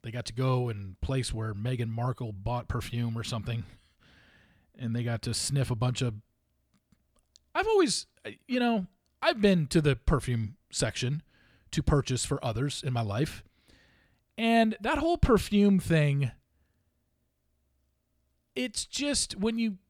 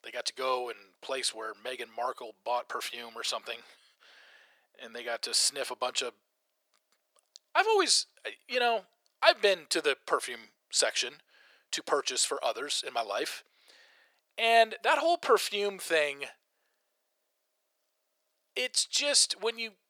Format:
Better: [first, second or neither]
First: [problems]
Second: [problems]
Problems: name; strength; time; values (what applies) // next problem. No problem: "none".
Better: first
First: none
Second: thin; very; fading below 450 Hz